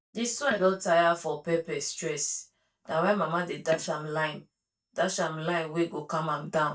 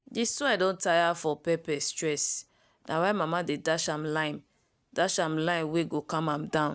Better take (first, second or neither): second